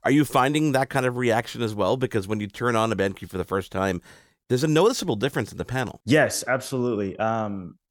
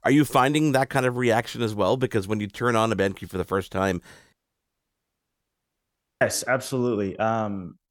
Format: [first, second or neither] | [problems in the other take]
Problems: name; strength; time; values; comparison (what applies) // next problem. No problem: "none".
first | audio cutting out; at 4.5 s for 2 s